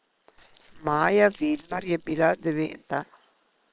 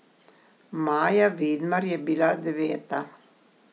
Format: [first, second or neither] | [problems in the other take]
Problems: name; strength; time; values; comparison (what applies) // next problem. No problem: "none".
second | noise reduction (neural separator model SepFormer WHAM!)